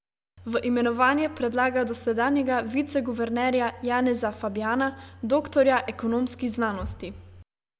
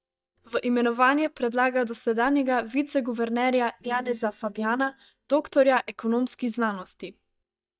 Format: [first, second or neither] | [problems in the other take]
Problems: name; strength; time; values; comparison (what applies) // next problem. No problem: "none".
first | noise reduction (neural mask model DeepFilterNet 3)